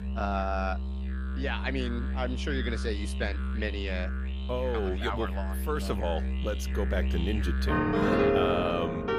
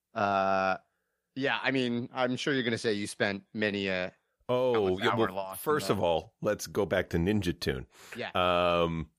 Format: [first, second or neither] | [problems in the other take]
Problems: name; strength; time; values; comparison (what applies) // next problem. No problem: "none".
second | background music; very loud; throughout; 3 dB above the speech